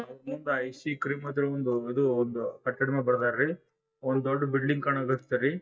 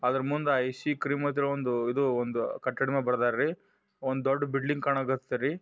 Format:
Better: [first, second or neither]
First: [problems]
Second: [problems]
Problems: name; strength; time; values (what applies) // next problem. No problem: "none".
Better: second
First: noise reduction (neural mask model DeepFilterNet 3)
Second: none